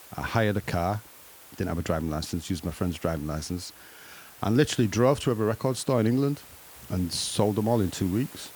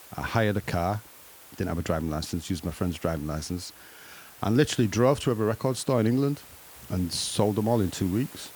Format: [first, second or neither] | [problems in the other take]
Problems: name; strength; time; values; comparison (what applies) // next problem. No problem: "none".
neither | hiss; noticeable; throughout; 20 dB below the speech; the same in both